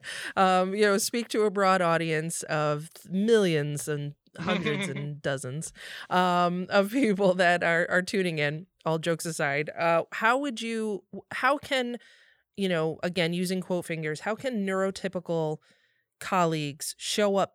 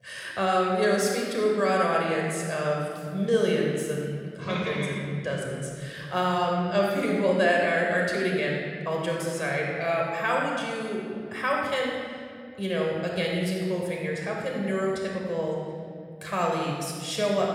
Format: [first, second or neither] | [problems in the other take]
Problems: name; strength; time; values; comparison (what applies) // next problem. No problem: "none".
first | off-mic speech; somewhat distant // room echo; strong; dies away in 2.1 s